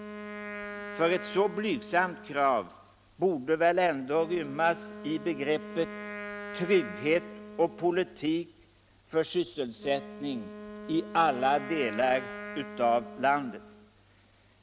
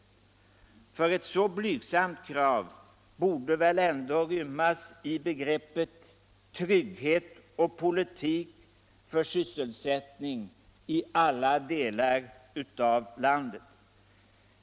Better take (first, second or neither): second